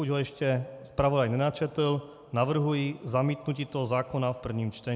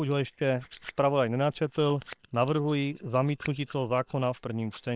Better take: first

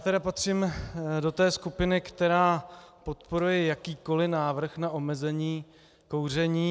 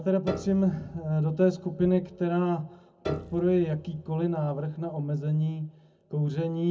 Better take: first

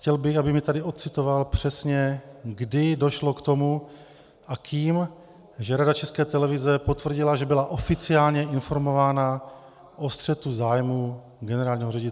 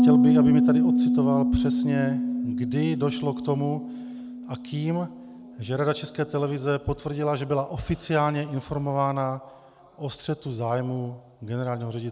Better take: first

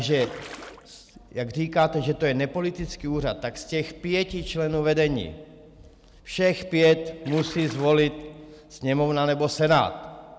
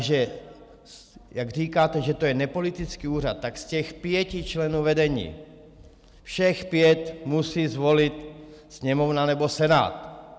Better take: second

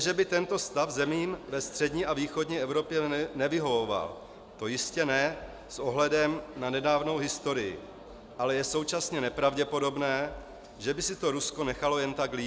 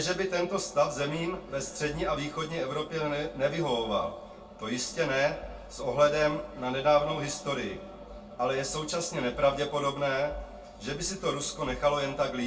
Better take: first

